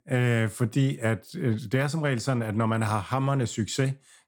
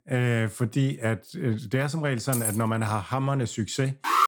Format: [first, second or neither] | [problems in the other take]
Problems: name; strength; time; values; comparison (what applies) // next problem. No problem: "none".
first | jangling keys; noticeable; at 2.5 s; peak 2 dB below the speech // alarm; loud; at 4 s; peak 4 dB above the speech